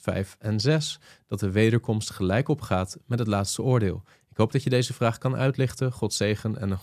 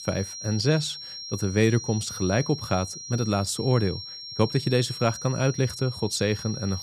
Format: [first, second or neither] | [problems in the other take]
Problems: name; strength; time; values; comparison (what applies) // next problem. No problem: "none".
first | high-pitched whine; loud; throughout; 5.5 kHz, 10 dB below the speech